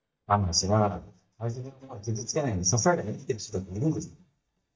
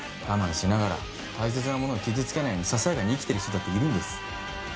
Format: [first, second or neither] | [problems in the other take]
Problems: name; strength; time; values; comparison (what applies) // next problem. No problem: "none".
second | noise reduction (neural mask model DeepFilterNet 3)